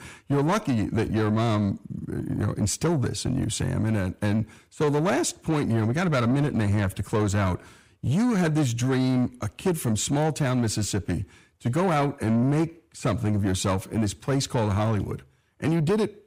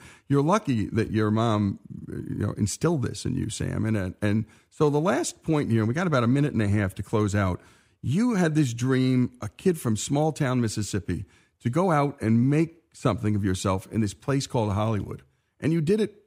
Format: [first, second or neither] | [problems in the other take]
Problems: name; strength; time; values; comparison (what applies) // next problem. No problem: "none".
second | distortion; slight; 10 dB below the speech